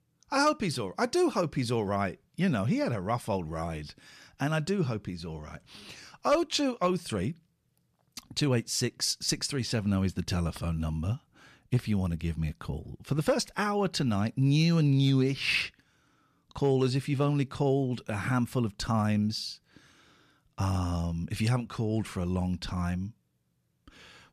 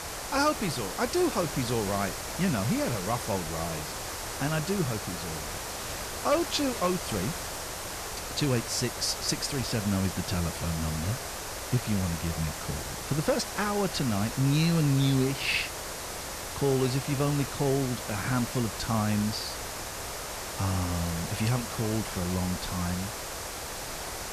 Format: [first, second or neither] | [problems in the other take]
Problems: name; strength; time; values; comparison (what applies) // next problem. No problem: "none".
first | hiss; loud; throughout; 5 dB below the speech